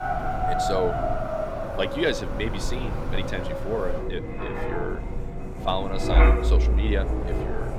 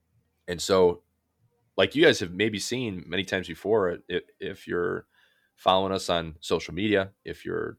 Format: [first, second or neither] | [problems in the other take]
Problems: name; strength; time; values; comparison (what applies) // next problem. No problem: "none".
second | wind in the background; very loud; throughout; 4 dB above the speech